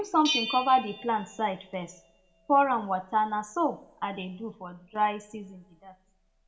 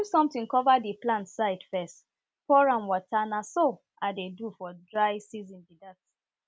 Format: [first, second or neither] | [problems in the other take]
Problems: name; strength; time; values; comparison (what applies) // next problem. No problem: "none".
second | background sound (Bell); 12 dB below the speech // room echo; dies away in 0.4 s